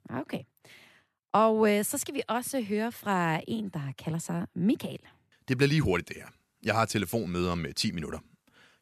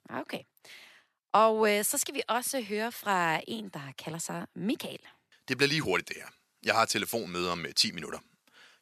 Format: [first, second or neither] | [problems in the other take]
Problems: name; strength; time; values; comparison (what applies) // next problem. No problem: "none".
first | thin; somewhat; fading below 600 Hz